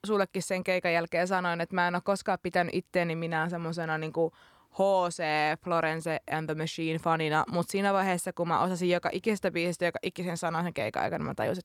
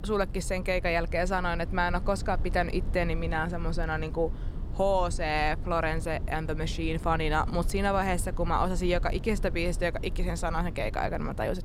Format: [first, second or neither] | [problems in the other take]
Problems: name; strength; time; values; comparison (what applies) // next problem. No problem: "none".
first | low rumble; noticeable; throughout; 20 dB below the speech